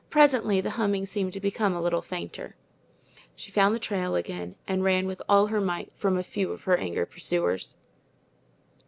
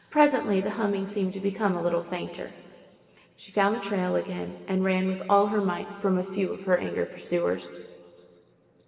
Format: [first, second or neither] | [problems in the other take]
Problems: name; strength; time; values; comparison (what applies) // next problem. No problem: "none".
first | room echo; dies away in 2.5 s